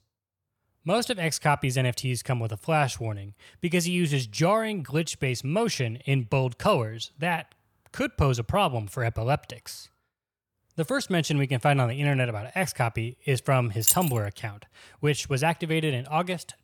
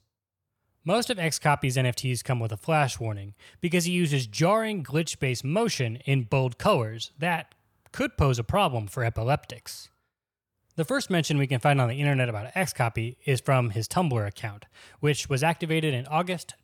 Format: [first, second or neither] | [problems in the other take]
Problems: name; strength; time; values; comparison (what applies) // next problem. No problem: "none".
second | jangling keys; loud; at 14 s; peak 4 dB above the speech